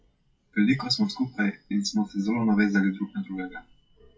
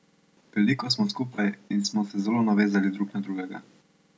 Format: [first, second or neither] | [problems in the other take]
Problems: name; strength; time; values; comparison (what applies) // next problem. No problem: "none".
second | noise reduction (classical method WPE with log-MMSE)